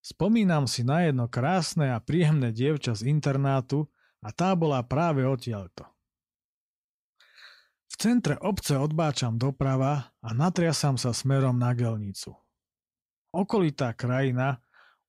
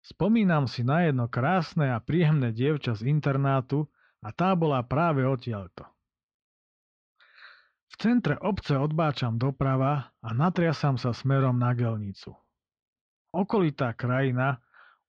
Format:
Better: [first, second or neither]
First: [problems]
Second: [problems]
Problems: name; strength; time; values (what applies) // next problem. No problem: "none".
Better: first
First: none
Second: muffled; slightly; fading above 4 kHz